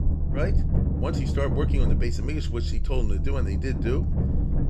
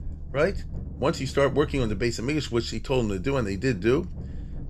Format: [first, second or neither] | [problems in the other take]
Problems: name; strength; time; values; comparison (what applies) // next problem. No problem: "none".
second | low rumble; loud; throughout; 4 dB below the speech; faint in the second